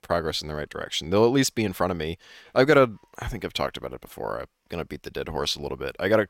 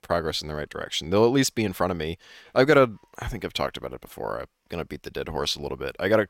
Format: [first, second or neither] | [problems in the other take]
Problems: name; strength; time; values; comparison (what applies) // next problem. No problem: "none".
neither | none